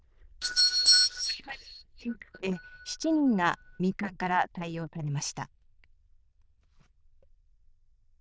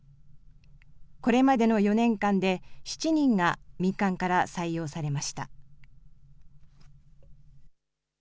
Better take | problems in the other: second | noise reduction (neural diffusion model UNIVERSE++)

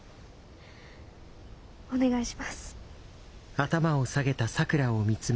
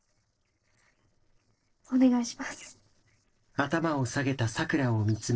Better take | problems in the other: first | noise reduction (neural separator model SepFormer DNS4)

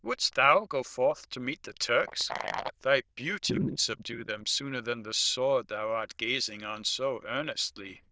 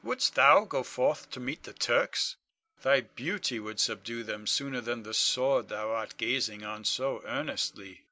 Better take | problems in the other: second | noise reduction (neural diffusion model UNIVERSE++)

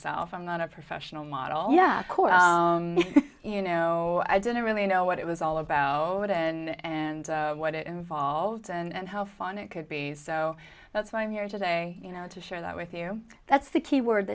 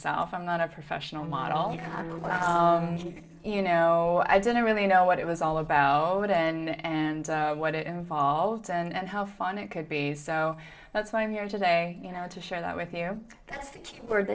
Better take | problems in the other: first | noise reduction (neural separator model SepFormer DNS4)

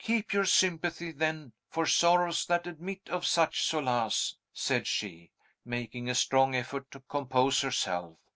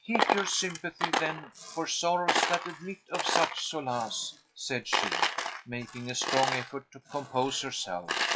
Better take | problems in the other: first | noise reduction (classical method log-MMSE)

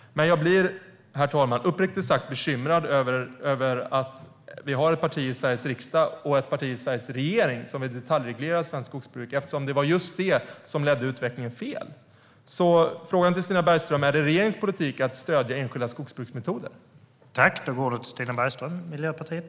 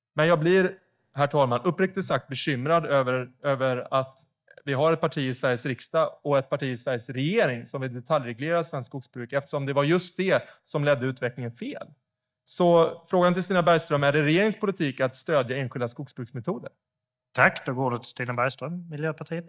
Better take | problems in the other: first | noise reduction (neural mask model DeepFilterNet 3)

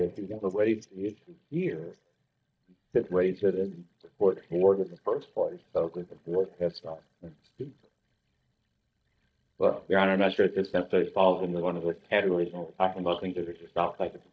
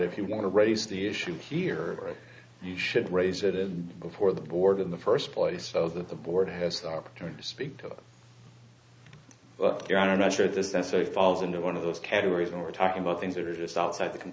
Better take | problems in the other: second | noise reduction (neural mask model DeepFilterNet 3)

